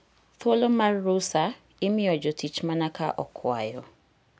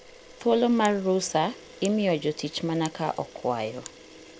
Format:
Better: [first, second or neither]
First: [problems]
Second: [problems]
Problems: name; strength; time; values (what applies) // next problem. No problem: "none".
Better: first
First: none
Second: background sound (Camera); 19 dB below the speech